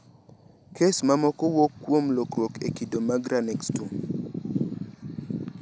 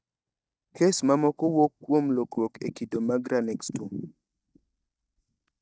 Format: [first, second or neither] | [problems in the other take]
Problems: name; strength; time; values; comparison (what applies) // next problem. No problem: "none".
first | noise reduction (neural mask model DeepFilterNet 3)